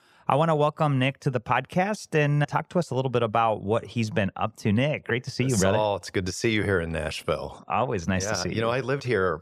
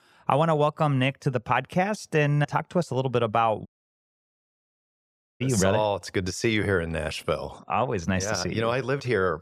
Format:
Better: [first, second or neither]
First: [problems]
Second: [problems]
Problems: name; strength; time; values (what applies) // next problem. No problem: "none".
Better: first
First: none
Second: audio cutting out; at 3.5 s for 1.5 s